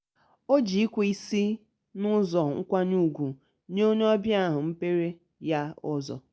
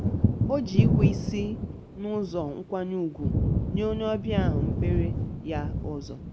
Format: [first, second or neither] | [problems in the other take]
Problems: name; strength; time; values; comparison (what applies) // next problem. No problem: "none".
first | background sound (Thunder); 5 dB above the speech